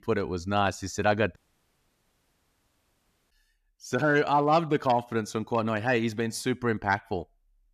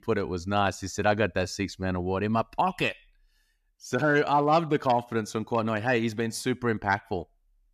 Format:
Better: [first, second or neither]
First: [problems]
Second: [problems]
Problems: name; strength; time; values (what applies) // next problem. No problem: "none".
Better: second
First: audio cutting out; at 1.5 s for 2 s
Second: none